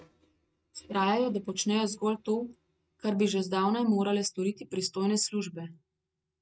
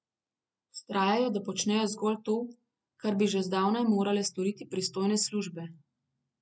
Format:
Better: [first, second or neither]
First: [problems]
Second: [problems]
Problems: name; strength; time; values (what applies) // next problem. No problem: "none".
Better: second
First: noise reduction (neural mask model RNNoise)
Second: none